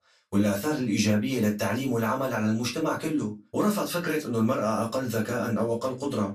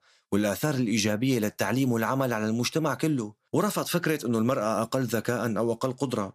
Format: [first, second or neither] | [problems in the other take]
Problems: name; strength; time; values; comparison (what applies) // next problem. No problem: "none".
second | off-mic speech; far // room echo; very slight; dies away in 0.2 s